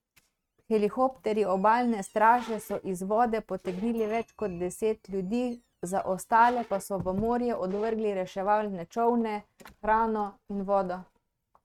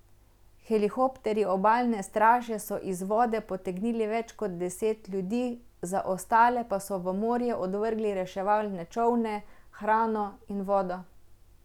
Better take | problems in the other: second | noise reduction (neural mask model RNNoise)

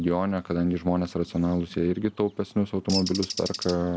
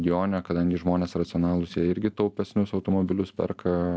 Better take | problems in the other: second | background sound (Bird); 13 dB below the speech

